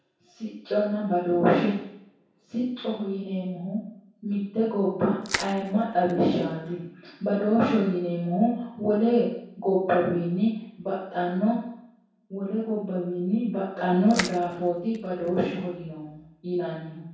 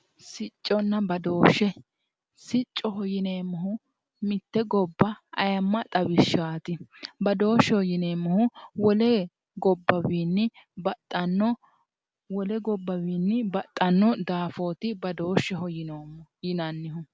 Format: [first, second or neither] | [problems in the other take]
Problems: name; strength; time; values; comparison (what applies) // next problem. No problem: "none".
second | background sound (Crushing); 11 dB below the speech // room echo; dies away in 0.7 s